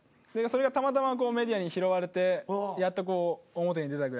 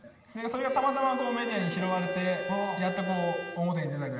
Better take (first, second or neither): first